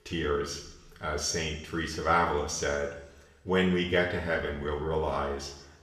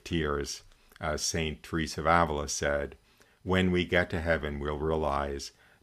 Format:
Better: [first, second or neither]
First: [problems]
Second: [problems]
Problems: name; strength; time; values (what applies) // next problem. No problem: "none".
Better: second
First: room echo; slight; dies away in 0.8 s // off-mic speech; somewhat distant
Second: none